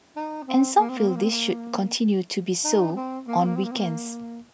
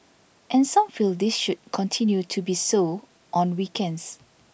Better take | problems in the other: second | background sound (Wind instrument, woodwind instrument); 8 dB below the speech

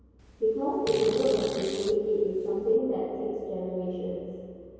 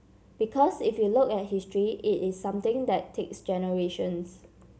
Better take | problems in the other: second | background sound (Fart); 12 dB below the speech // room echo; dies away in 2.2 s

